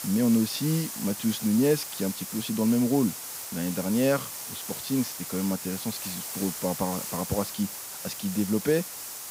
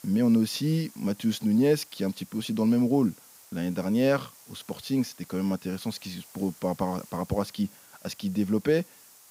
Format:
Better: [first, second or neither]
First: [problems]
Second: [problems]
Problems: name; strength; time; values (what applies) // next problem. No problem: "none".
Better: second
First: hiss; loud; throughout; 6 dB below the speech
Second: hiss; faint; throughout; 20 dB below the speech